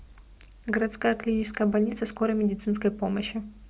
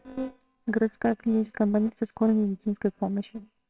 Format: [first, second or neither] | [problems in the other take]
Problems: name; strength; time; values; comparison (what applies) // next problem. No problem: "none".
first | noise reduction (neural separator model SepFormer WHAMR!)